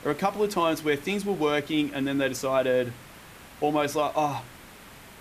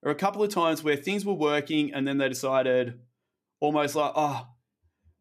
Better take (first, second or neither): second